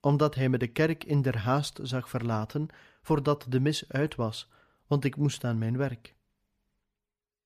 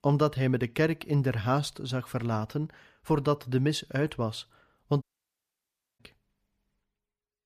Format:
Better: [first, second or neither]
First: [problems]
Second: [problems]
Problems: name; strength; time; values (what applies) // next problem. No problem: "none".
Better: first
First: none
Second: audio cutting out; at 5 s for 1 s